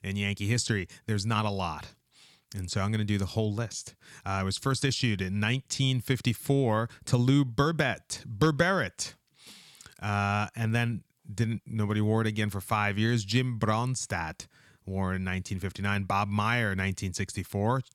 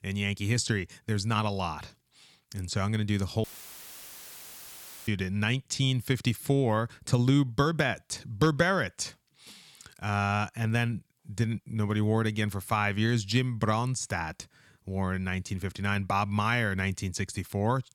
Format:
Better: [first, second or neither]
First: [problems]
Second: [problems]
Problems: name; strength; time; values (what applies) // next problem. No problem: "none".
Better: first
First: none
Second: audio cutting out; filled with static; at 3.5 s for 1.5 s